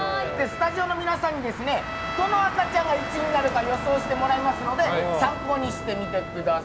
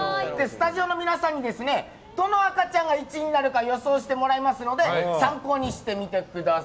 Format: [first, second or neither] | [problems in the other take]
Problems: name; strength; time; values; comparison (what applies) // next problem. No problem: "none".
second | background sound (Motor vehicle (road) + Trumpet); 6 dB below the speech